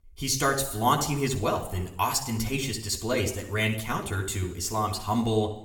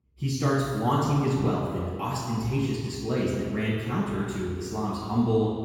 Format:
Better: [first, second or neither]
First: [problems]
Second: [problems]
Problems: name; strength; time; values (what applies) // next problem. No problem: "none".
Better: first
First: room echo; slight; dies away in 0.8 s // off-mic speech; somewhat distant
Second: room echo; strong; dies away in 2 s // off-mic speech; far